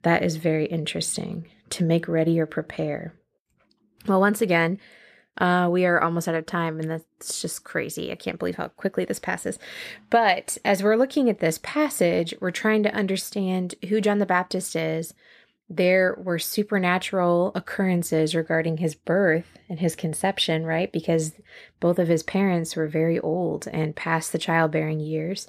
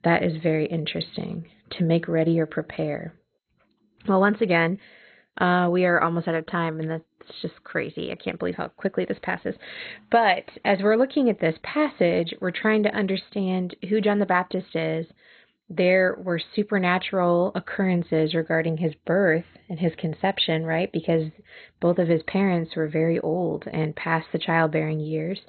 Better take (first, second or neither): first